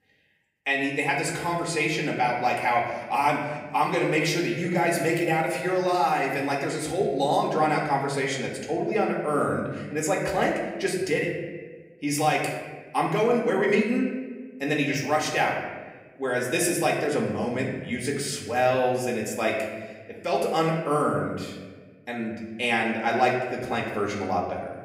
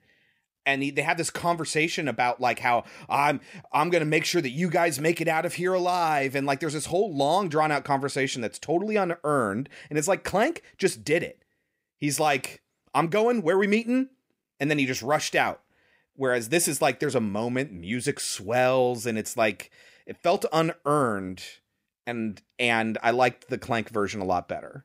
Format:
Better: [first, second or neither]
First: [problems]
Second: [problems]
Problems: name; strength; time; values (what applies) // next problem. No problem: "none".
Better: second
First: room echo; noticeable; dies away in 1.1 s // off-mic speech; far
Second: none